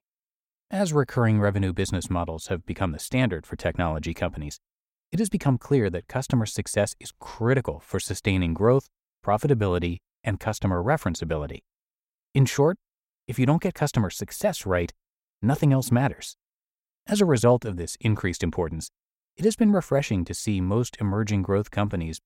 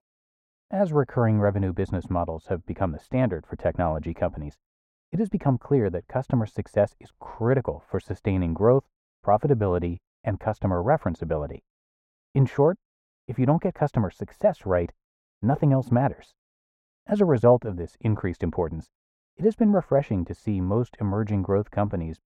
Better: first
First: none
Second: muffled; very; fading above 2.5 kHz

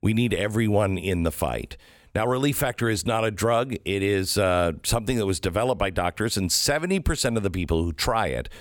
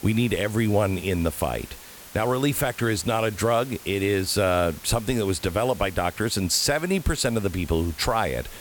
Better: first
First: none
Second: hiss; noticeable; throughout; 20 dB below the speech

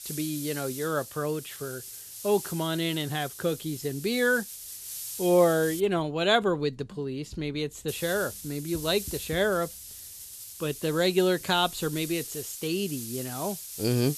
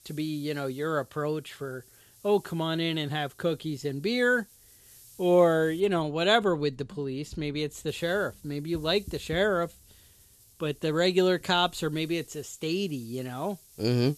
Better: second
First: hiss; loud; until 6 s and from 8 s on; 10 dB below the speech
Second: hiss; faint; until 6 s and from 8 s on; 25 dB below the speech

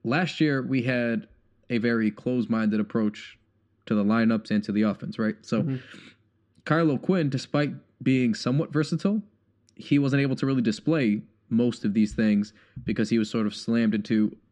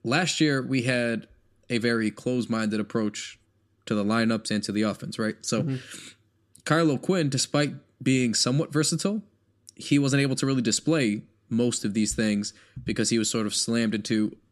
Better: second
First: muffled; slightly; fading above 3 kHz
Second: none

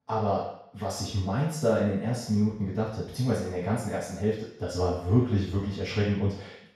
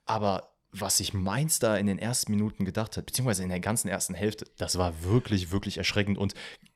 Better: second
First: room echo; noticeable; dies away in 0.7 s // off-mic speech; far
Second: none

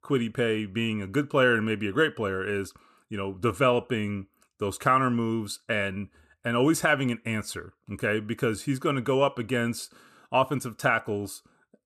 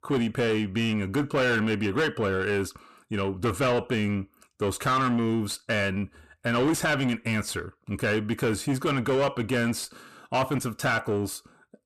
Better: first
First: none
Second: distortion; heavy; 7 dB below the speech

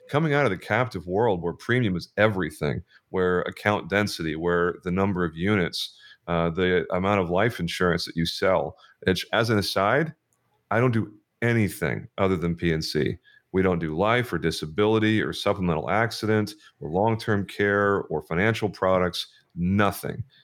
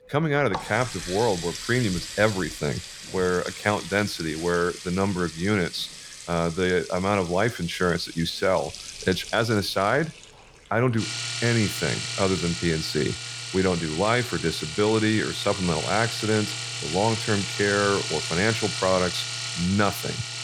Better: first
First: none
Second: household noises; loud; throughout; 6 dB below the speech

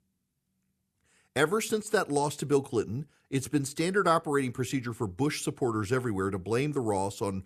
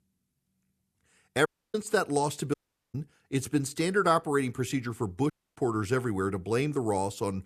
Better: first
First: none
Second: audio cutting out; at 1.5 s, at 2.5 s and at 5.5 s

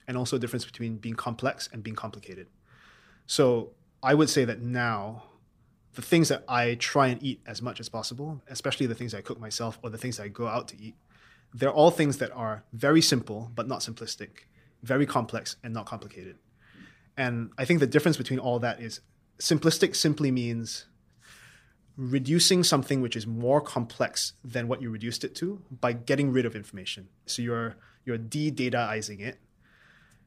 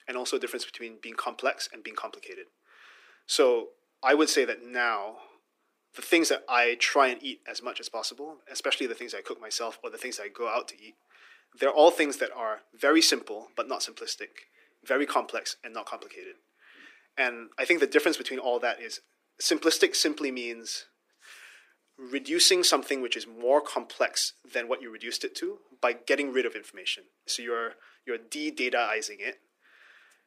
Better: first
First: none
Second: thin; somewhat; fading below 300 Hz

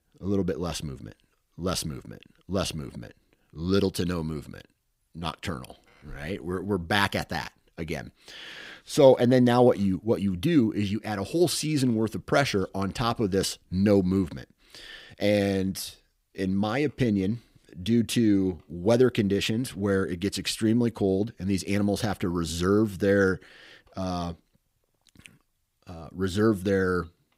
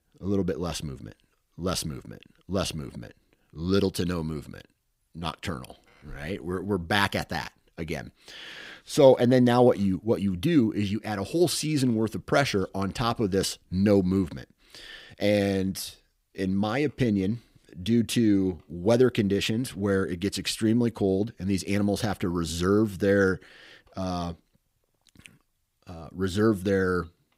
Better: neither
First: none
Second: none

